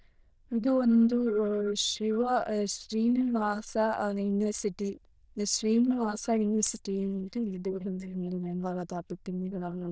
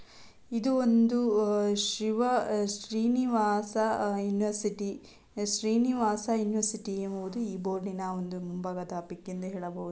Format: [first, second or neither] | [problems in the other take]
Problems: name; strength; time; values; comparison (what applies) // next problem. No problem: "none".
second | noise reduction (neural diffusion model UNIVERSE++)